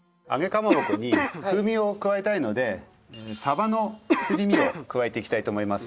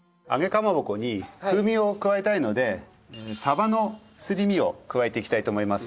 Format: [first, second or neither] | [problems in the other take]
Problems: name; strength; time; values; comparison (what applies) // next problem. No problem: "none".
second | background sound (Cough); as loud as the speech